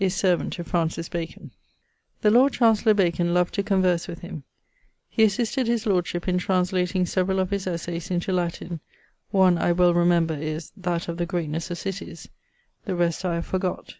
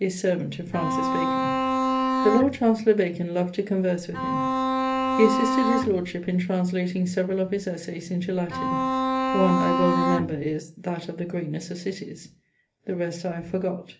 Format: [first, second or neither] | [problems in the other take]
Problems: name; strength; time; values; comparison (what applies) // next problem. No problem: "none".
first | background sound (Bowed string instrument); 1 dB above the speech // room echo; dies away in 0.3 s